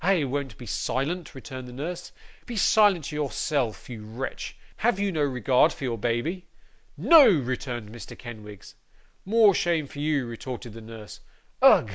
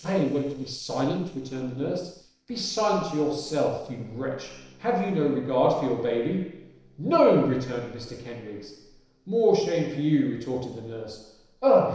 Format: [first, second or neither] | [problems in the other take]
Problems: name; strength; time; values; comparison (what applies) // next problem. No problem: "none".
first | noise reduction (neural separator model SepFormer DNS4)